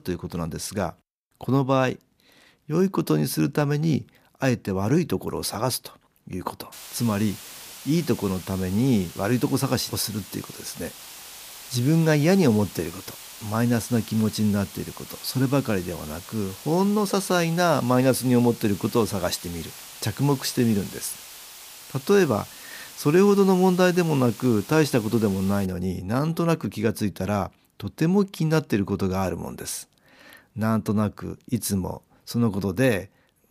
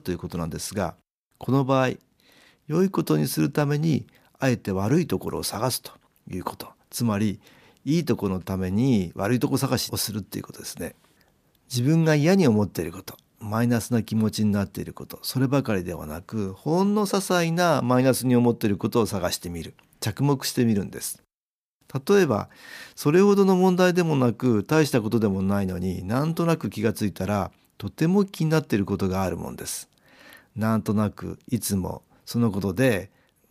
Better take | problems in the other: second | hiss; noticeable; from 6.5 to 26 s; 15 dB below the speech

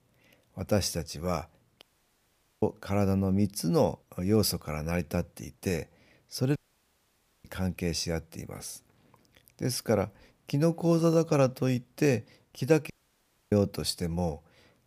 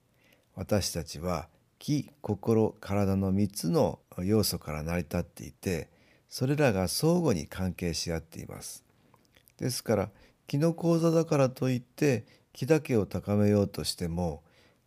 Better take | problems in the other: second | audio cutting out; at 2 s for 1 s, at 6.5 s for 1 s and at 13 s for 0.5 s

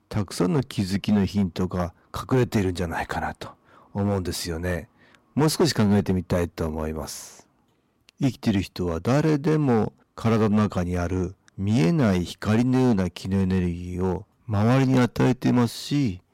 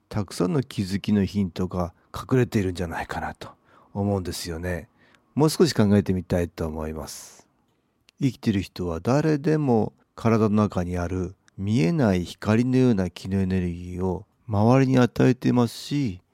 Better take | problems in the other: second | distortion; slight; 6% of the sound clipped

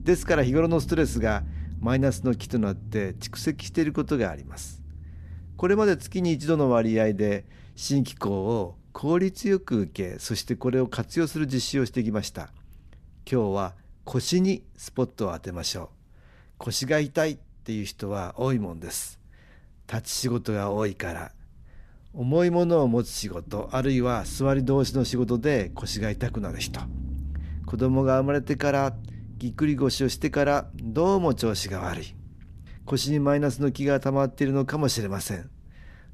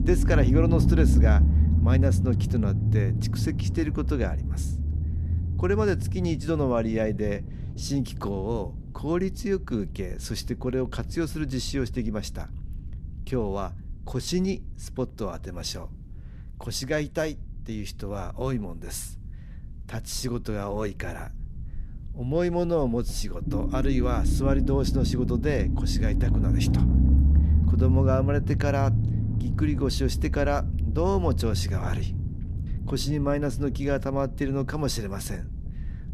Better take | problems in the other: first | low rumble; loud; throughout; 7 dB below the speech; faint in the first

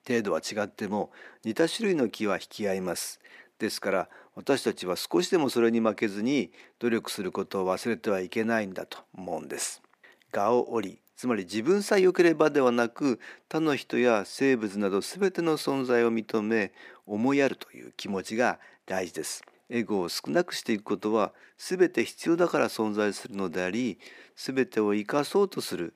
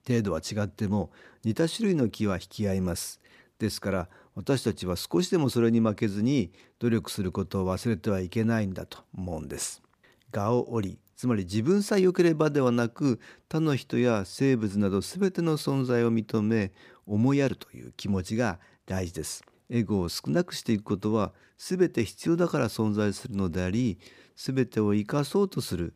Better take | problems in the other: second | thin; somewhat; fading below 300 Hz

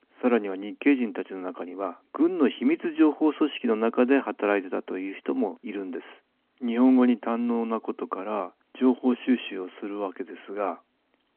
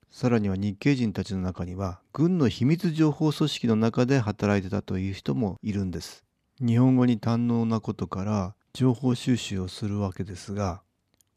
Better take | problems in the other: second | phone-call audio; nothing above 8 kHz

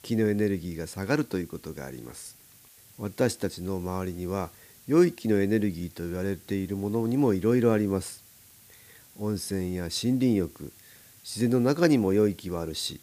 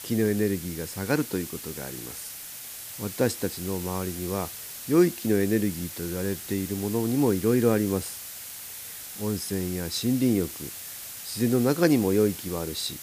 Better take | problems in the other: first | hiss; loud; throughout; 10 dB below the speech; faint in the first

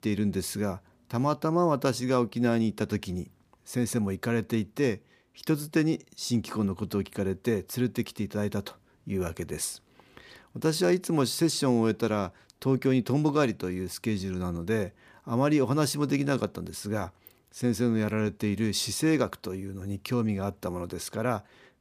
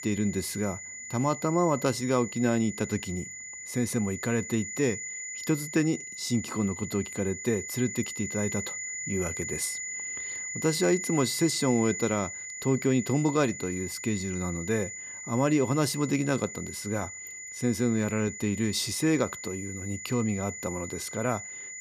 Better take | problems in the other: first | high-pitched whine; loud; throughout; 7 kHz, 7 dB below the speech

